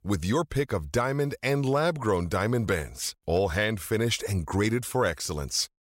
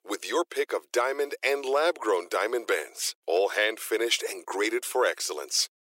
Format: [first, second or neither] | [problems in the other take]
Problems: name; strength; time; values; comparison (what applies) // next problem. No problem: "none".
first | thin; very; fading below 350 Hz